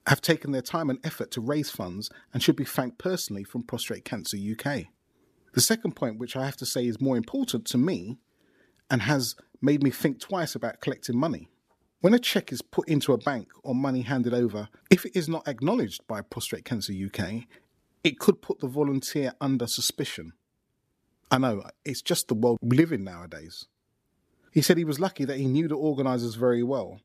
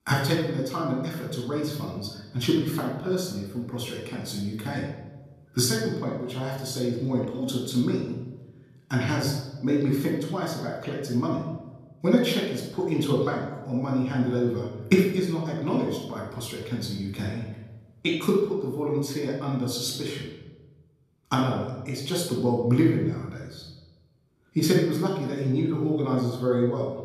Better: first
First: none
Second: off-mic speech; somewhat distant // room echo; noticeable; dies away in 1 s

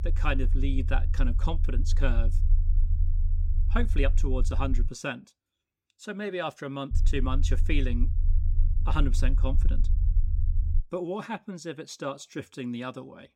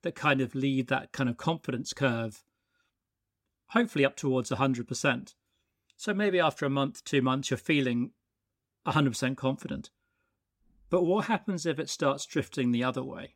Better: second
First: low rumble; noticeable; until 5 s and from 7 to 11 s; 15 dB below the speech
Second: none

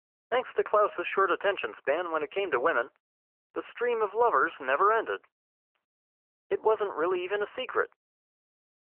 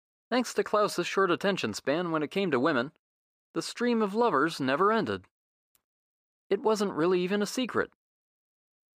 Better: second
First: phone-call audio; nothing above 3 kHz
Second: none

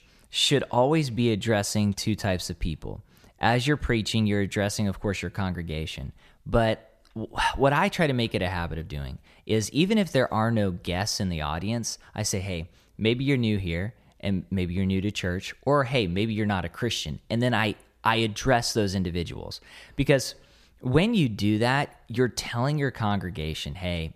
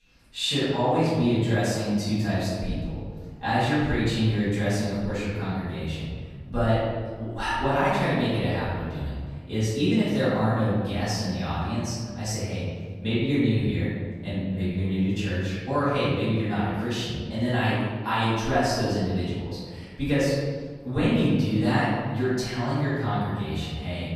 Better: first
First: none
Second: off-mic speech; far // room echo; strong; dies away in 1.6 s

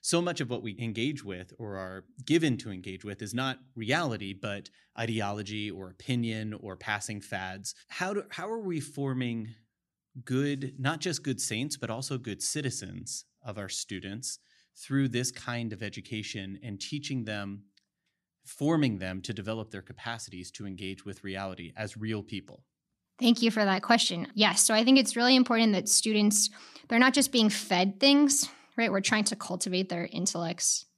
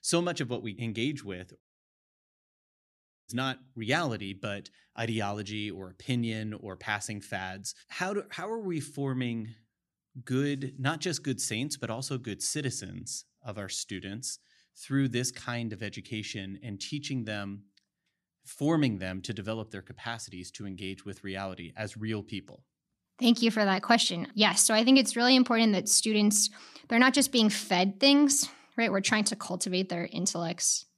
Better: first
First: none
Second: audio cutting out; at 1.5 s for 1.5 s

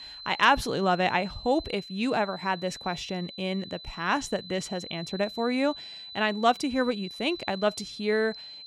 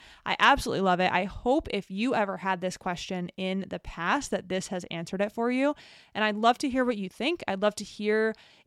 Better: second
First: high-pitched whine; noticeable; throughout; 4 kHz, 15 dB below the speech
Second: none

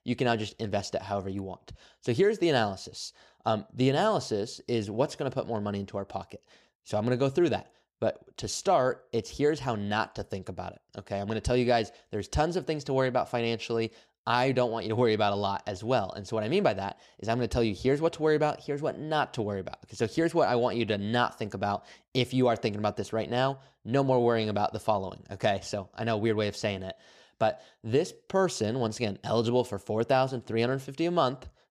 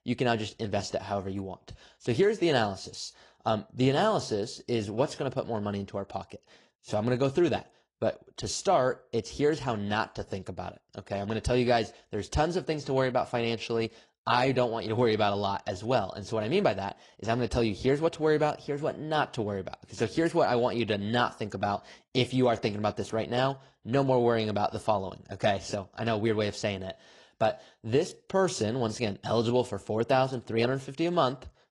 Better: first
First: none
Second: garbled, watery; slightly; nothing above 10.5 kHz

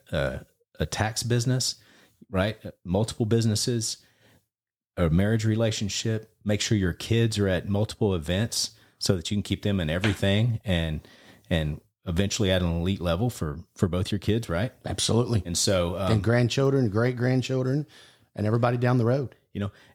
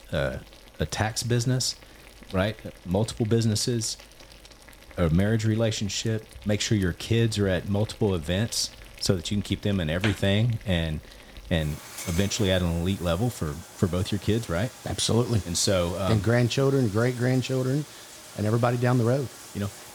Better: first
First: none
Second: household noises; noticeable; throughout; 20 dB below the speech

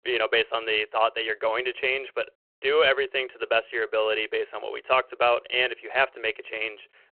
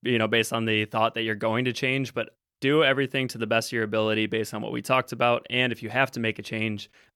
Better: second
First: phone-call audio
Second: none

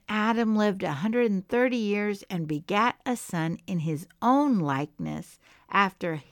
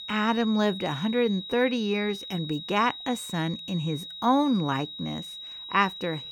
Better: first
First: none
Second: high-pitched whine; loud; throughout; 4 kHz, 10 dB below the speech

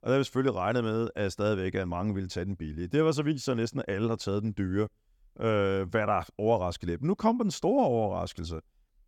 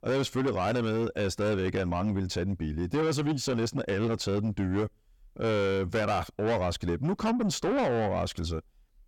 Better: first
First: none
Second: distortion; heavy; 7 dB below the speech

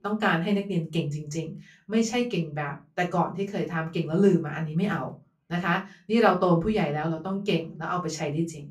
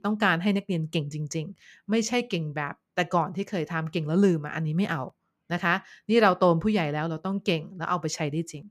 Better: second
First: off-mic speech; far // room echo; very slight; dies away in 0.2 s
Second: none

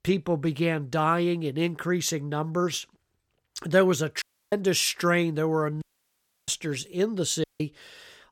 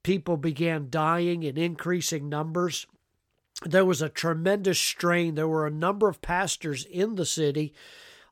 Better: second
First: audio cutting out; at 4 s, at 6 s for 0.5 s and at 7.5 s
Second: none

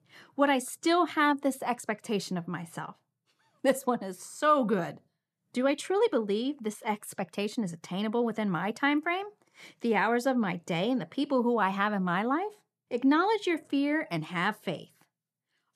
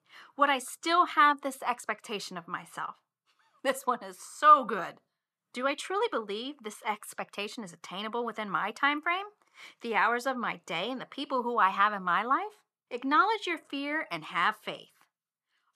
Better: first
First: none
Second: thin; somewhat; fading below 550 Hz

